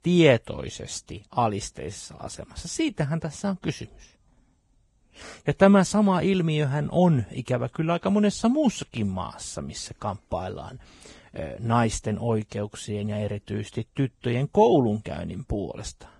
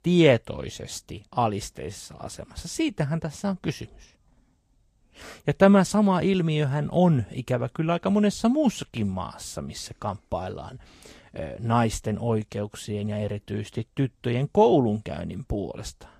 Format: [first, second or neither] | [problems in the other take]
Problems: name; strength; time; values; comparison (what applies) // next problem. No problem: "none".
second | garbled, watery; badly; slightly in the second